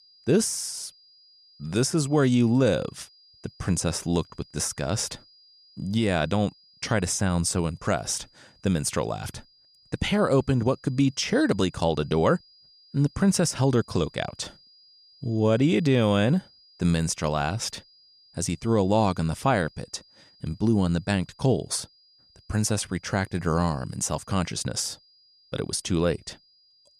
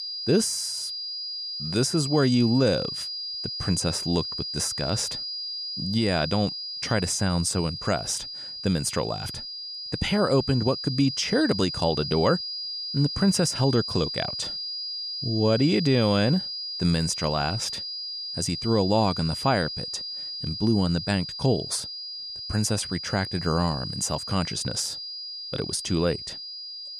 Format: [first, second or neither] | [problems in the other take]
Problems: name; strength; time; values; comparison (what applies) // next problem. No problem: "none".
first | high-pitched whine; loud; throughout; 5 kHz, 5 dB below the speech; faint in the first